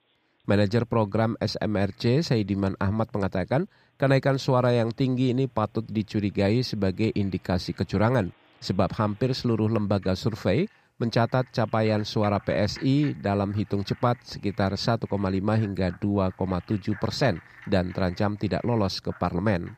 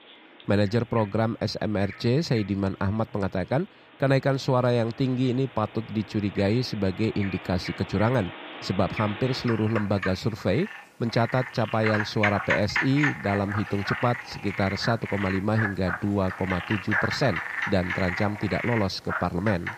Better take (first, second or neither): first